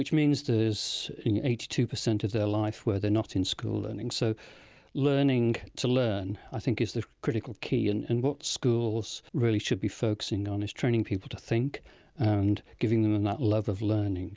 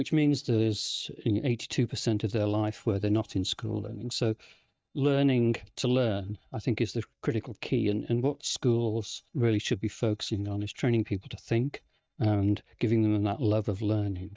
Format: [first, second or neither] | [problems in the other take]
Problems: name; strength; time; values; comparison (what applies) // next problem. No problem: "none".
first | noise reduction (neural mask model DeepFilterNet 3)